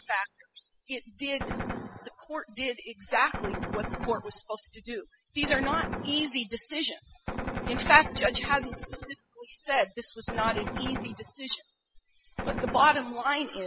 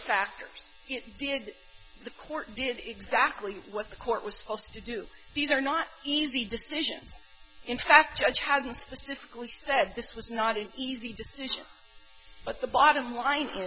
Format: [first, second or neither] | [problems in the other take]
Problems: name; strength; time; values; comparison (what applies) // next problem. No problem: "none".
second | noise reduction (classical method spectral subtraction)